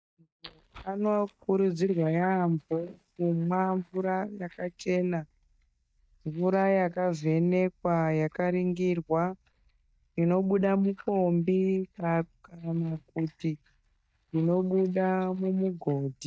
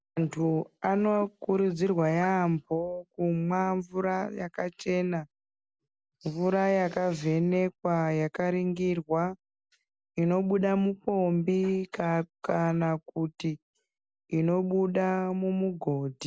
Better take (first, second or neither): second